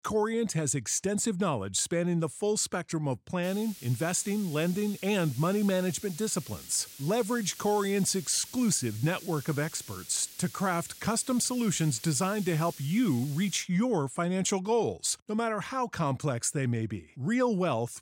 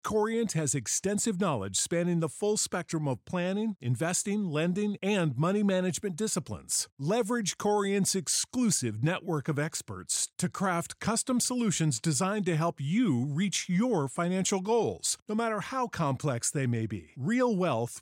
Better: second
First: hiss; noticeable; from 3.5 to 14 s; 15 dB below the speech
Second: none

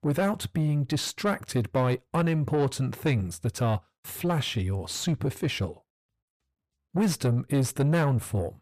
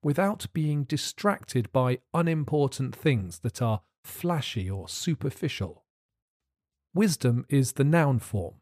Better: second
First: distortion; slight; 10 dB below the speech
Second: none

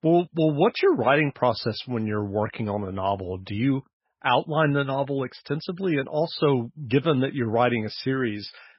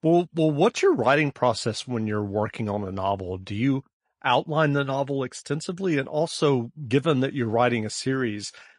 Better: second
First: garbled, watery; badly; nothing above 5.5 kHz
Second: garbled, watery; slightly; nothing above 10.5 kHz

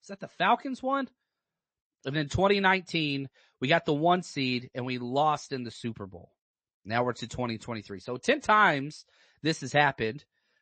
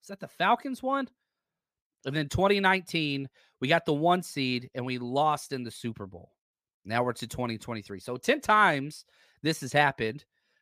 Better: second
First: garbled, watery; slightly; nothing above 8 kHz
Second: none

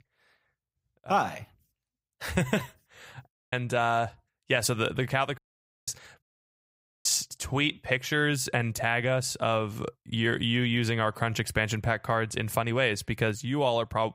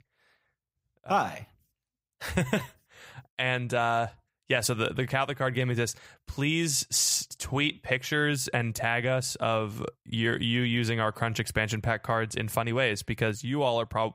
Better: second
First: audio cutting out; at 3.5 s, at 5.5 s and at 6 s for 1 s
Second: none

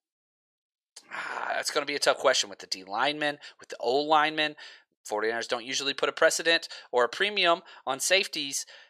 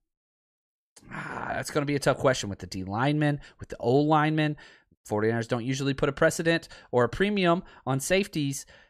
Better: second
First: thin; very; fading below 600 Hz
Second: none

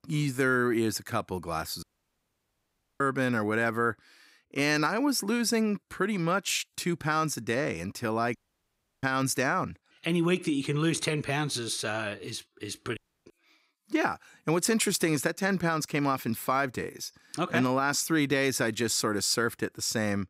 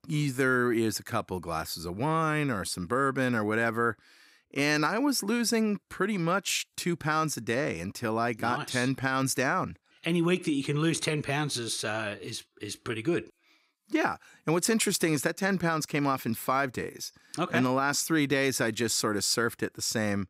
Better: second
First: audio cutting out; at 2 s for 1 s, at 8.5 s for 0.5 s and at 13 s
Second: none

